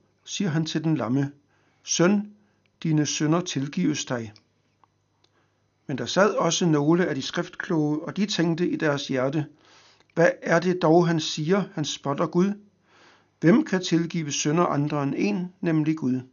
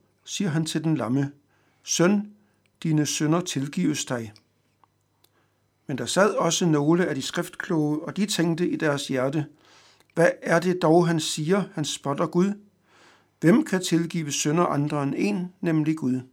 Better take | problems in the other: second | garbled, watery; slightly; nothing above 6.5 kHz

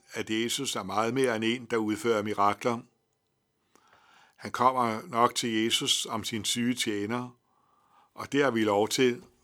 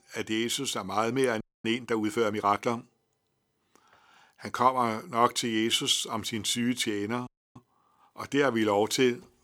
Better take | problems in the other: first | audio freezing; at 1.5 s and at 7.5 s

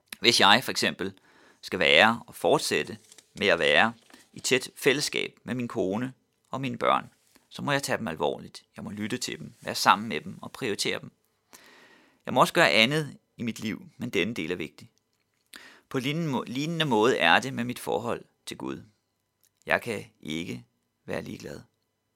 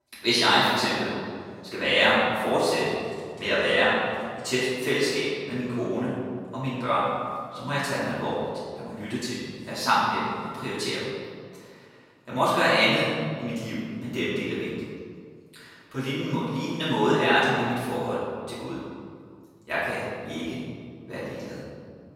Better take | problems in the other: first | off-mic speech; far // room echo; strong; dies away in 1.9 s

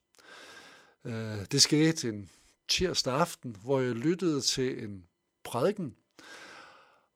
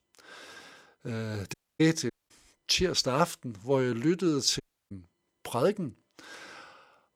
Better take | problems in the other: first | audio cutting out; at 1.5 s, at 2 s and at 4.5 s

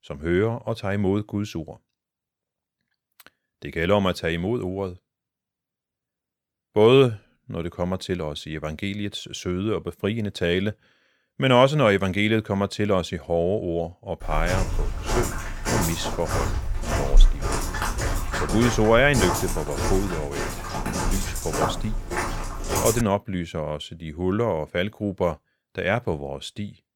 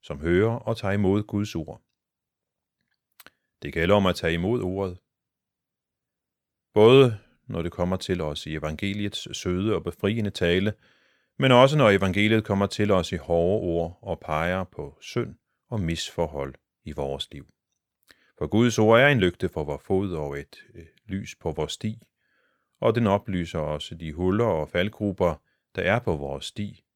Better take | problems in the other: second | footsteps; loud; from 14 to 23 s; peak 3 dB above the speech

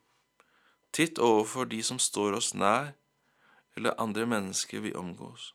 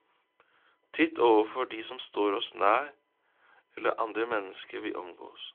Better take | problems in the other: first | phone-call audio; nothing above 3.5 kHz

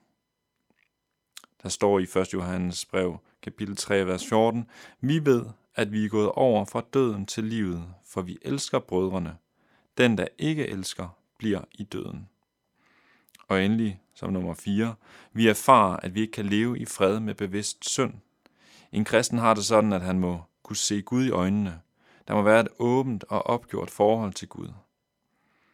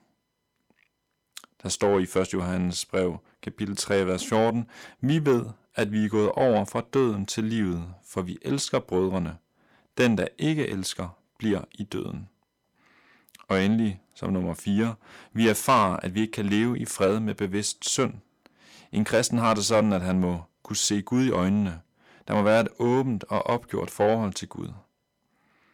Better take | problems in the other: first | distortion; slight; 10 dB below the speech

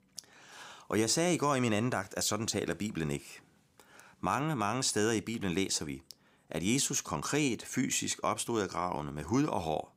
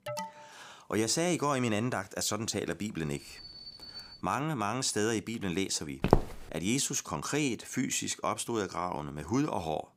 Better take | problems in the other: first | alarm; noticeable; at the start; peak 8 dB below the speech // alarm; faint; from 3 to 4 s; peak 10 dB below the speech // footsteps; loud; at 6 s; peak 4 dB above the speech

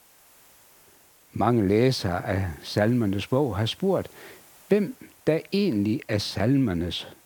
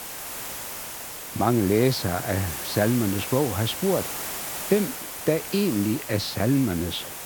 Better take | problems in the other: first | hiss; loud; throughout; 7 dB below the speech; faint in the first

